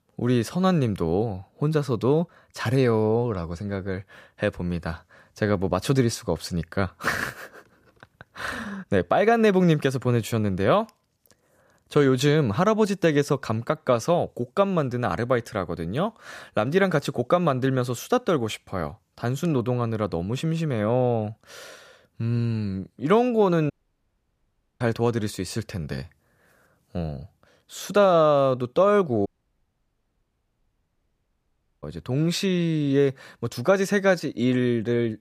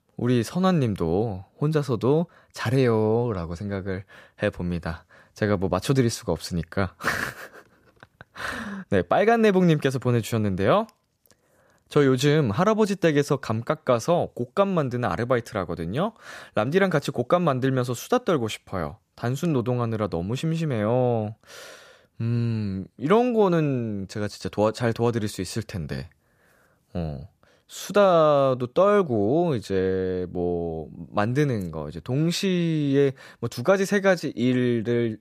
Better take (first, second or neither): second